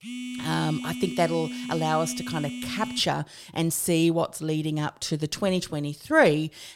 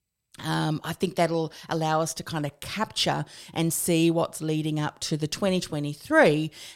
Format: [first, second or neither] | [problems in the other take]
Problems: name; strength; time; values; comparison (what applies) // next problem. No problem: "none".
second | phone ringing; noticeable; until 3 s; peak 8 dB below the speech